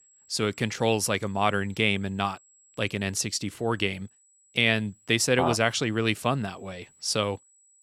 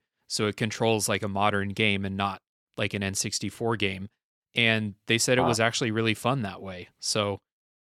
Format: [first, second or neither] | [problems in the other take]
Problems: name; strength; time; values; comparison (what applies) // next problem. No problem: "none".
second | high-pitched whine; faint; throughout; 7.5 kHz, 30 dB below the speech